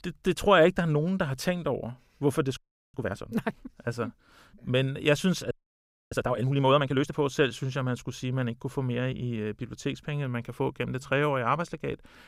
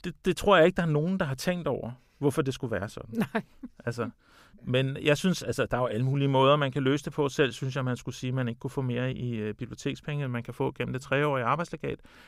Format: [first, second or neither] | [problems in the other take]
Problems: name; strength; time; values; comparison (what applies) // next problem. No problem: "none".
second | audio freezing; at 2.5 s and at 5.5 s for 0.5 s